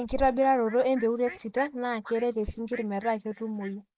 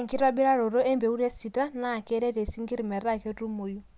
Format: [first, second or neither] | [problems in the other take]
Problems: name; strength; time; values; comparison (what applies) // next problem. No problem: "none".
second | noise reduction (neural mask model Resemble Enhance denoiser)